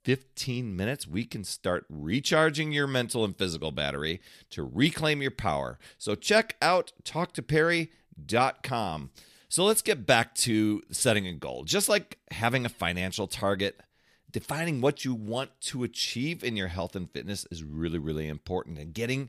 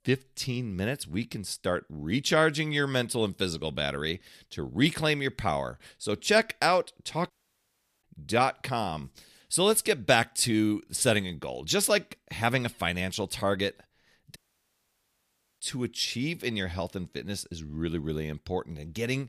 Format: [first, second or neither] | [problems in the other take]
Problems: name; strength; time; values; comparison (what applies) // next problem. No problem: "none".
first | audio cutting out; at 7.5 s for 0.5 s and at 14 s for 1.5 s